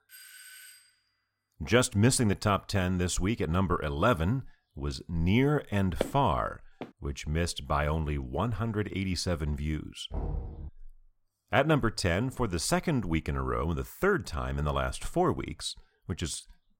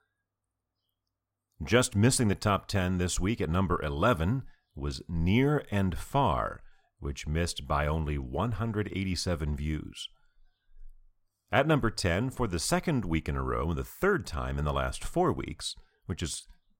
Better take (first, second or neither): second